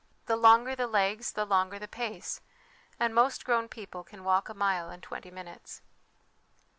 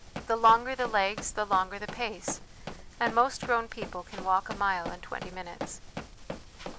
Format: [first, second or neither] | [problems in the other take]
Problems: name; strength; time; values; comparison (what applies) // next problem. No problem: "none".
first | background sound (Run); 11 dB below the speech